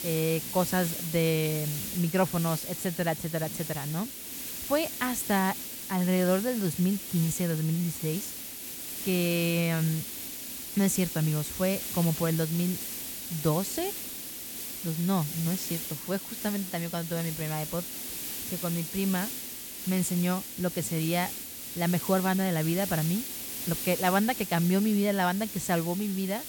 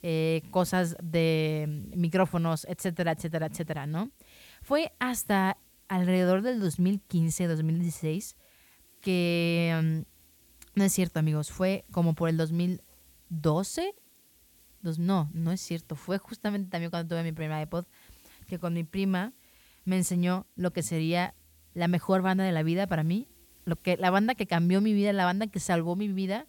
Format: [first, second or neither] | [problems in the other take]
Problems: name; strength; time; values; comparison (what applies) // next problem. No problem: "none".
second | hiss; loud; throughout; 5 dB below the speech; faint in the second